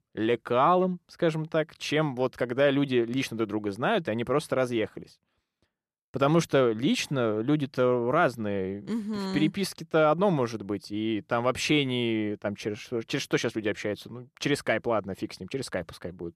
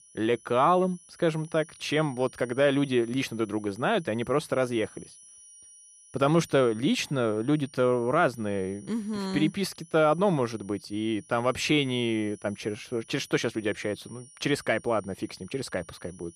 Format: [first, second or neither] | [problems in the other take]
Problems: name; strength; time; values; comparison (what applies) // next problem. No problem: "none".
first | high-pitched whine; faint; throughout; 10 kHz, 25 dB below the speech